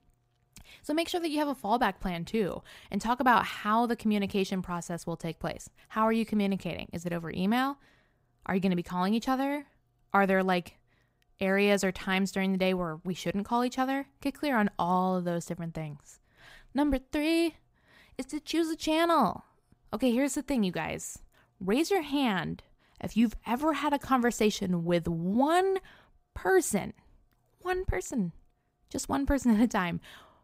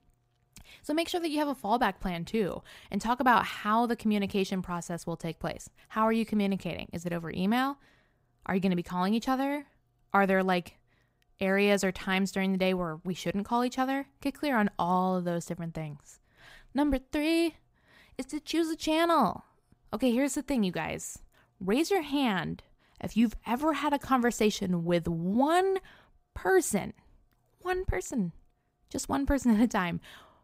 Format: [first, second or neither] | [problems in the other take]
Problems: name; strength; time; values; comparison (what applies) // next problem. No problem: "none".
neither | none